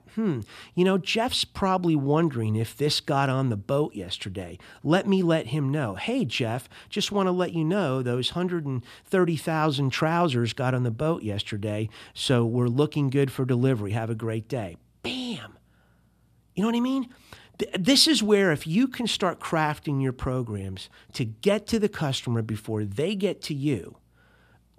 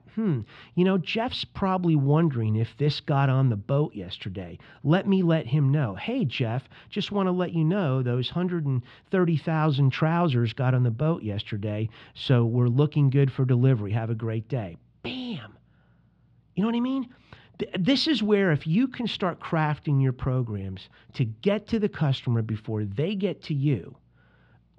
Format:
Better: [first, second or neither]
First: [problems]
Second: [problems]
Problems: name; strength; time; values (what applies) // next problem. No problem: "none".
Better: first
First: none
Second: muffled; very slightly; fading above 4 kHz